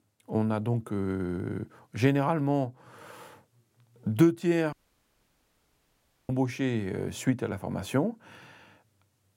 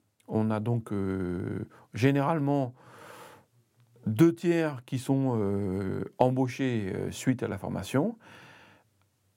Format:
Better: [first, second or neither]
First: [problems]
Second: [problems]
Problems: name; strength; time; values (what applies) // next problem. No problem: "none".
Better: second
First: audio cutting out; at 4.5 s for 1.5 s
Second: none